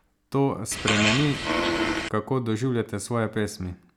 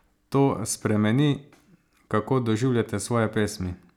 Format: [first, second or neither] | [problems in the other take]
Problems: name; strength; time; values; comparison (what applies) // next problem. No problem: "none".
second | background sound (Fart); 1 dB above the speech